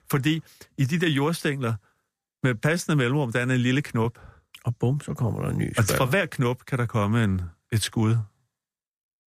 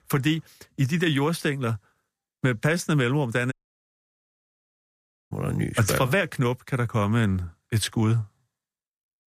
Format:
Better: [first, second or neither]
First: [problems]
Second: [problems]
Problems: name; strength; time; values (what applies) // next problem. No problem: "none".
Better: first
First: none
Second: audio cutting out; at 3.5 s for 2 s